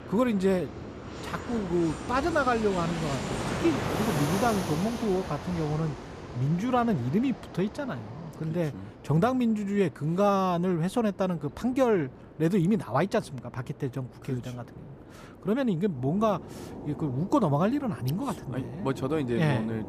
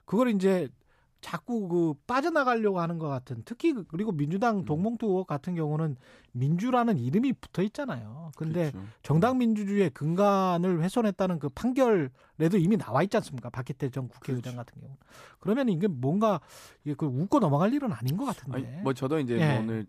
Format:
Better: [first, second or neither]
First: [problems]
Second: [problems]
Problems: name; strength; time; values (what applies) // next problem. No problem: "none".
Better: second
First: train or aircraft noise; loud; throughout; 9 dB below the speech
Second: none